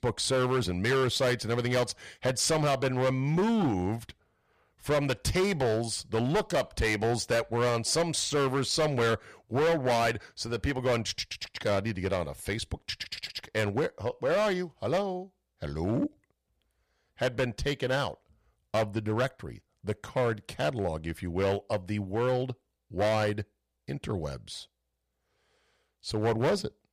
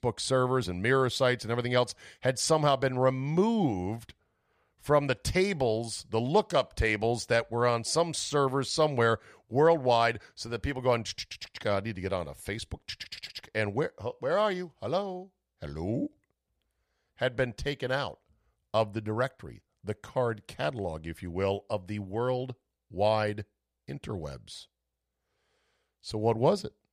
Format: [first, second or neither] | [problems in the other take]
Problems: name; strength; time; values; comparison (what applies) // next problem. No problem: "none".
second | distortion; heavy; 10% of the sound clipped